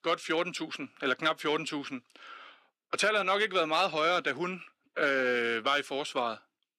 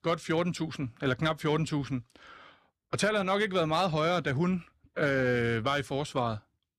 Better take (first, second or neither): second